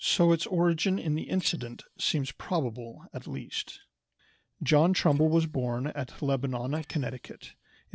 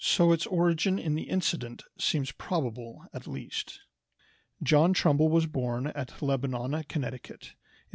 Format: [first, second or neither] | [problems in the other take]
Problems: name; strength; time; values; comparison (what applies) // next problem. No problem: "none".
second | noise reduction (neural separator model SepFormer DNS4)